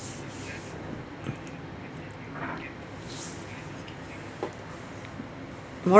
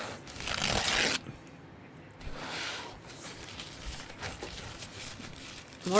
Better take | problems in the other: first | background sound (Tearing); 1 dB above the speech

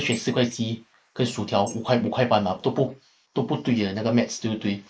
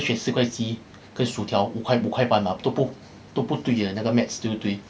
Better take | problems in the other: second | noise reduction (neural mask model Resemble Enhance denoiser)

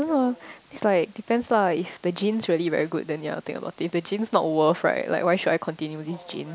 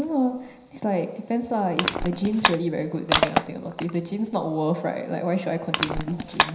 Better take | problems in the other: first | background sound (Crushing); 3 dB below the speech // room echo; dies away in 0.9 s

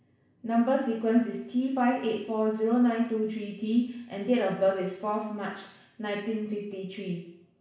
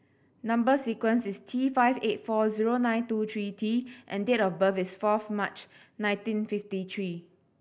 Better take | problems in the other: second | room echo; dies away in 0.7 s

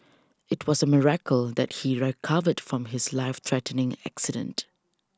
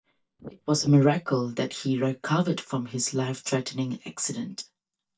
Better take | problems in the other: first | noise reduction (neural mask model DeepFilterNet 3)

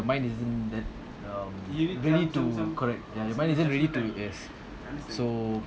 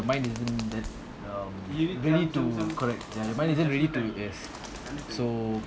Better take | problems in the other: first | background sound (Bird); 18 dB below the speech

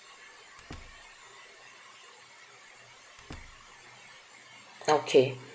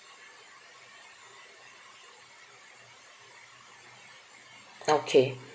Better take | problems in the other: second | background sound (Slam); 20 dB below the speech

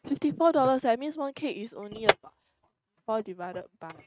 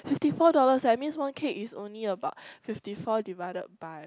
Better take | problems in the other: second | noise reduction (neural mask model RNNoise)

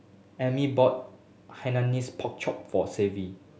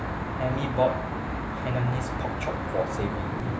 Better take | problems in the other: first | background sound (Traffic noise, roadway noise); as loud as the speech // room echo; dies away in 3 s

